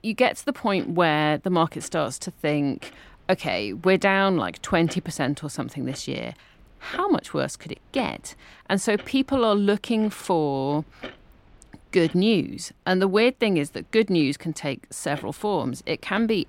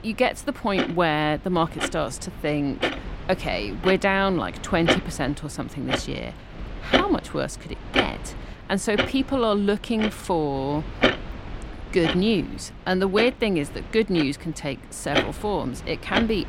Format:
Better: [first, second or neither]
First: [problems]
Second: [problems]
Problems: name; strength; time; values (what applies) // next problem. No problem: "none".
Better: first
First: household noises; faint; throughout; 25 dB below the speech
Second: household noises; loud; throughout; 4 dB below the speech